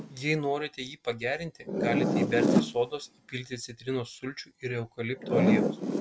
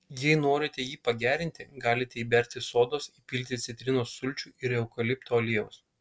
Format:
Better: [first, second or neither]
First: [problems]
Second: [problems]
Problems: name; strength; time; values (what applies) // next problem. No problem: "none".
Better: second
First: background sound (Zipper (clothing)); 2 dB above the speech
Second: none